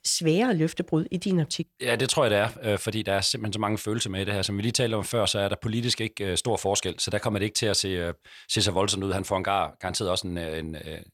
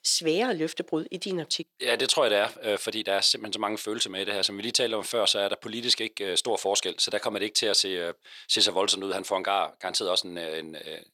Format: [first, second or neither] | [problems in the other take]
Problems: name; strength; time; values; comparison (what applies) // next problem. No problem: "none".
first | thin; somewhat; fading below 400 Hz